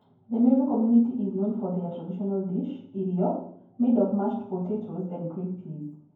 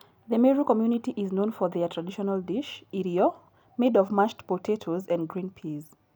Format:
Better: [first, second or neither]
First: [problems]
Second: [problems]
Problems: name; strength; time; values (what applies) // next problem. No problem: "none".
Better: second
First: room echo; dies away in 0.9 s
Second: none